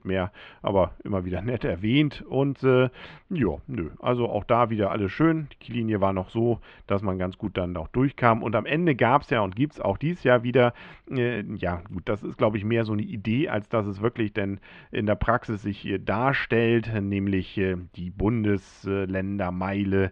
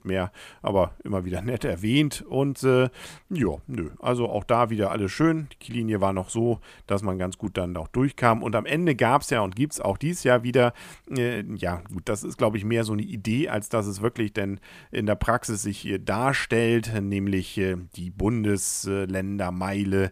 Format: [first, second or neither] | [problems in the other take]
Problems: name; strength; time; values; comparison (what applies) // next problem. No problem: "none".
second | muffled; very; fading above 3.5 kHz